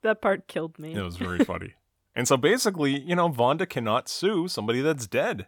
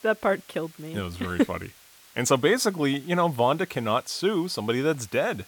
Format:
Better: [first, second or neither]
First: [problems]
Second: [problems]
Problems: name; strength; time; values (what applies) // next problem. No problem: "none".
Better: first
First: none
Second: hiss; faint; throughout; 25 dB below the speech